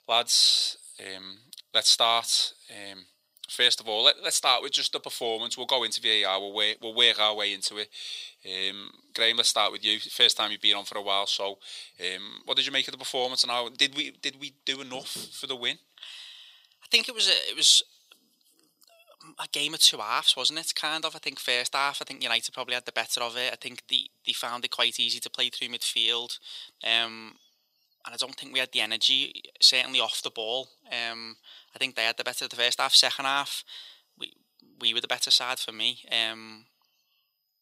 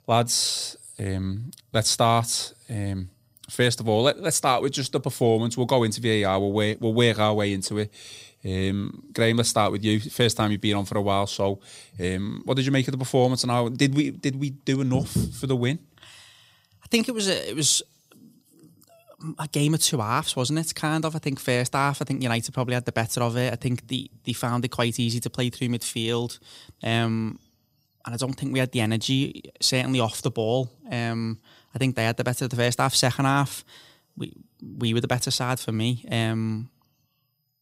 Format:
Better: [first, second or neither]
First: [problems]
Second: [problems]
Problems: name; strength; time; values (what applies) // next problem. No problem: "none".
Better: second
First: thin; very; fading below 600 Hz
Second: none